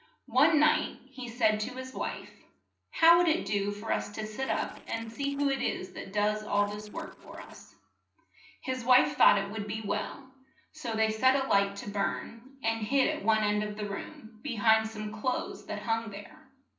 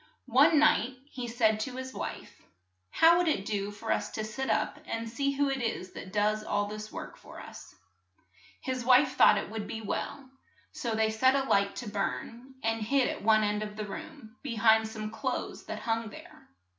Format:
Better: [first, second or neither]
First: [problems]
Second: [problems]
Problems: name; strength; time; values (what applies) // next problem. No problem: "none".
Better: second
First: noise reduction (neural separator model SepFormer DNS4)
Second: none